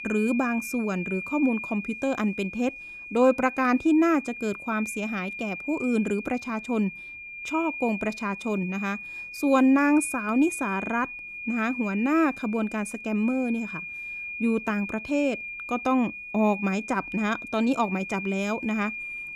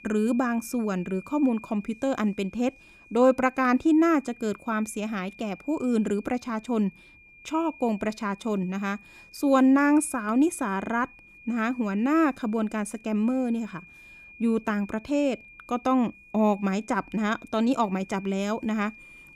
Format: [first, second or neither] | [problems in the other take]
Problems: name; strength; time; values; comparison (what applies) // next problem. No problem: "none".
second | high-pitched whine; loud; throughout; 2.5 kHz, 9 dB below the speech; faint in the second